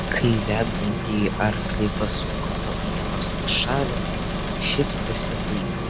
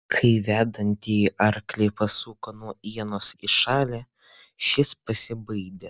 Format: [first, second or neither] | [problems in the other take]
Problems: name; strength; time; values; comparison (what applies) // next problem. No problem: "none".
second | background sound (Engine); 1 dB above the speech